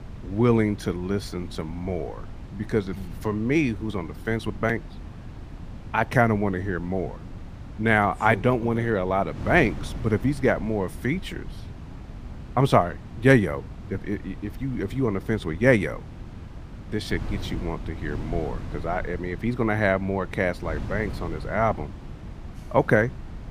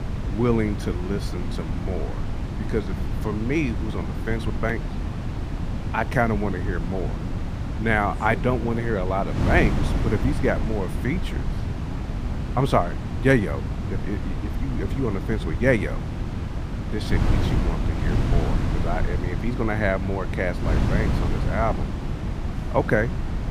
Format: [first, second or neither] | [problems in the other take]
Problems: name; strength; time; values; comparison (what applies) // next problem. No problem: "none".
first | wind noise on the microphone; heavy; 8 dB below the speech; occasional gusts in the first